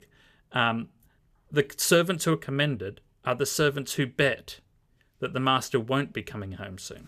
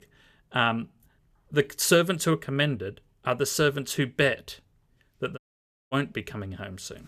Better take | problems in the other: first | audio cutting out; at 5.5 s for 0.5 s

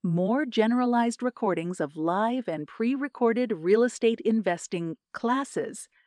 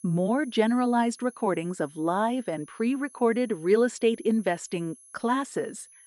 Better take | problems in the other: first | high-pitched whine; faint; throughout; 10.5 kHz, 25 dB below the speech

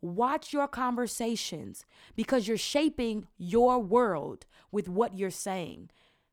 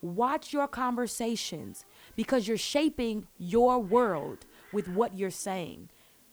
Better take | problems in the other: first | hiss; faint; throughout; 25 dB below the speech

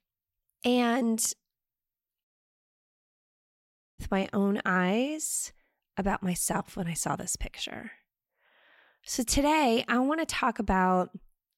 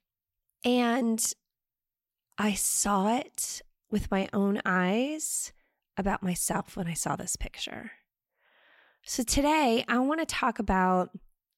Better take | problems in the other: second | audio cutting out; at 2.5 s for 1.5 s

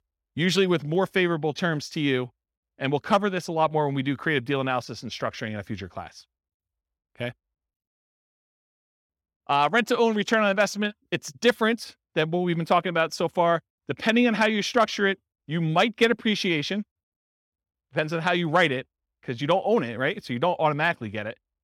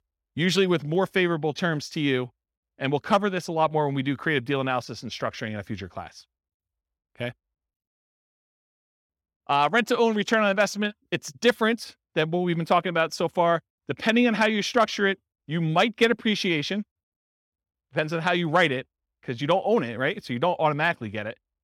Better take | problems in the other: neither | none

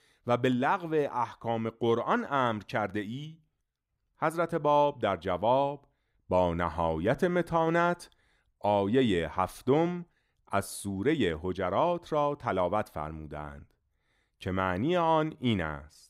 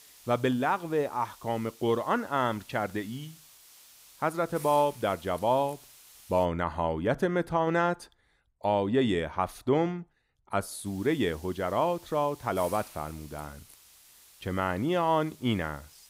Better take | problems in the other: first | hiss; faint; until 6.5 s and from 11 s on; 20 dB below the speech

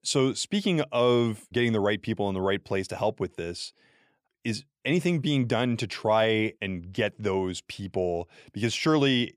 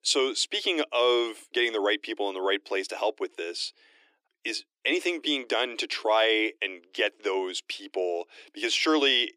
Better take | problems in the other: first | thin; somewhat; fading below 300 Hz

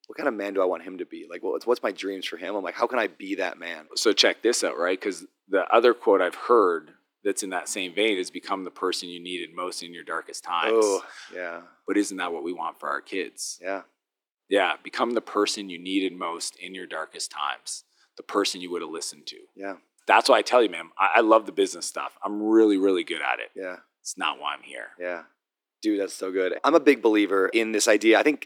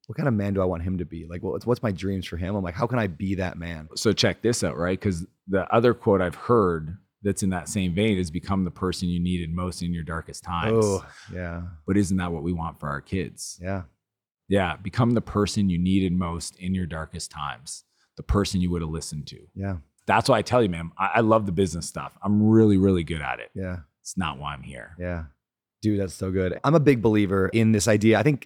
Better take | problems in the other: second | thin; somewhat; fading below 300 Hz

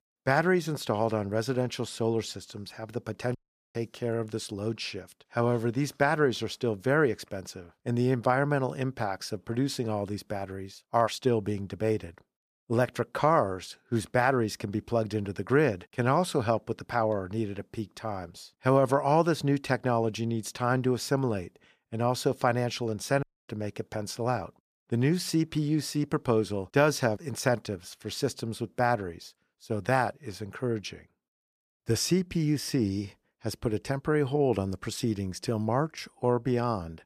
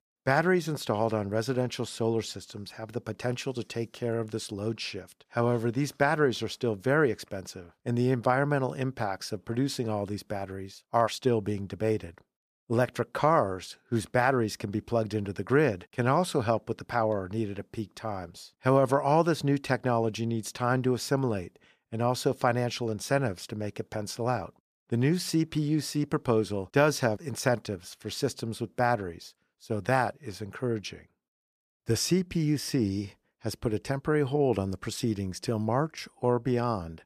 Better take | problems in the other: second | audio cutting out; at 3.5 s and at 23 s

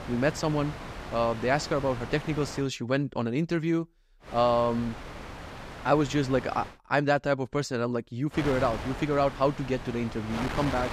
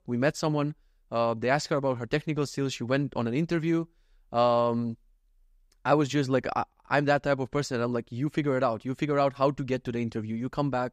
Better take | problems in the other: second | wind noise on the microphone; occasional gusts; until 2.5 s, from 4.5 to 6.5 s and from 8.5 s on; 10 dB below the speech

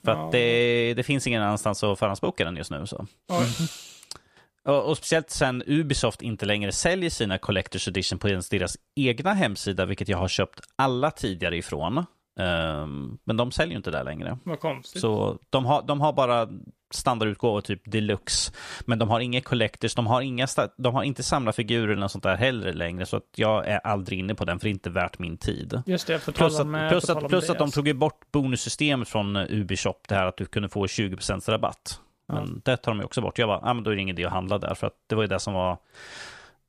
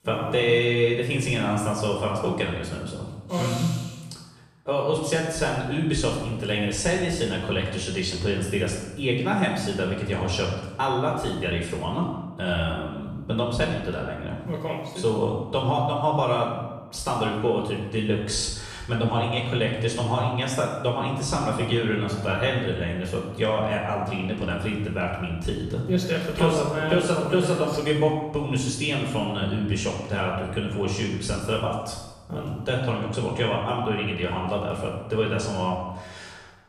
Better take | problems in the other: first | room echo; noticeable; dies away in 0.9 s // off-mic speech; far

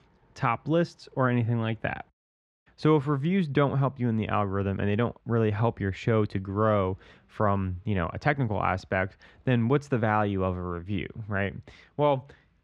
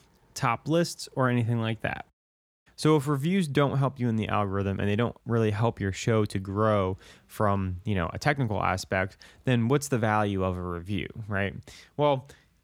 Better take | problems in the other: second | muffled; slightly; fading above 3 kHz

